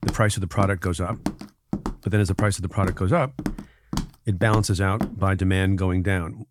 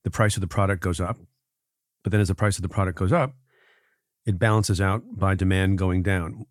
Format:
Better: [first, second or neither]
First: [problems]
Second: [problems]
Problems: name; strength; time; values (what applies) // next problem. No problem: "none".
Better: second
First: footsteps; noticeable; until 5 s; peak 7 dB below the speech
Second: none